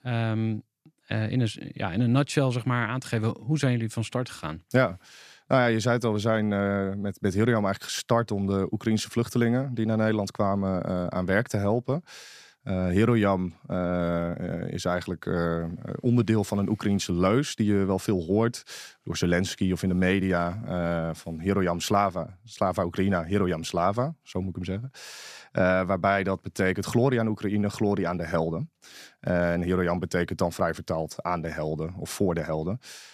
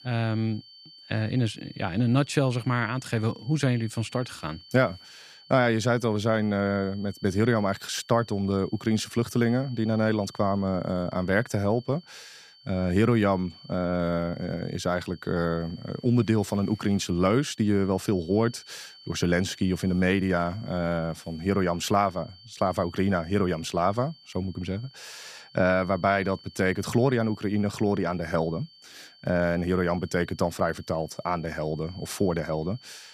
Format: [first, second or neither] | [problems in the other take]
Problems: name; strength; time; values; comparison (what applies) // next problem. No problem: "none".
first | high-pitched whine; faint; throughout; 4.5 kHz, 25 dB below the speech